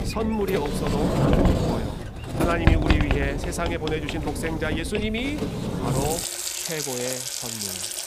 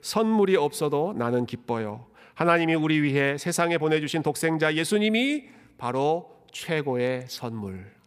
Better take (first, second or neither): second